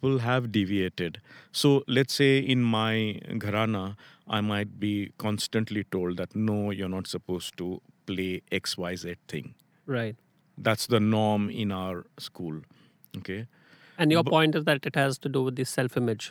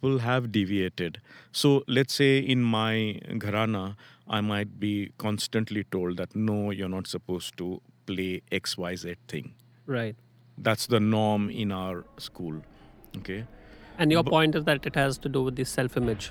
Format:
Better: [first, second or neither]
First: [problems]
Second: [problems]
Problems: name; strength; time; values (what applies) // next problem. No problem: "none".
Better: first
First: none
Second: machinery noise; faint; throughout; 30 dB below the speech